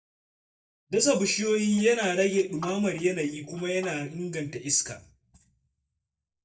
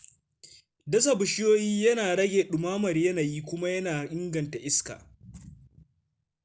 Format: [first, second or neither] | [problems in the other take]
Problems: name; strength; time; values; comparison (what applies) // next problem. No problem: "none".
second | noise reduction (neural mask model DeepFilterNet 3)